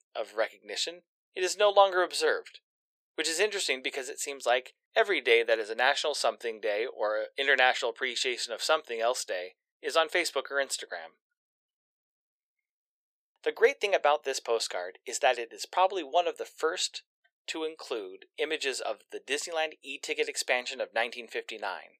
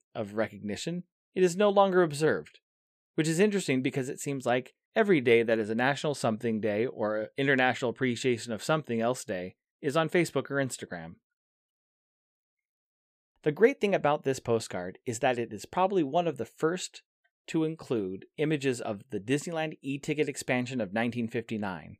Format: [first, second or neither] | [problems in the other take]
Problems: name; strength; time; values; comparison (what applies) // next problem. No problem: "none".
second | thin; very; fading below 500 Hz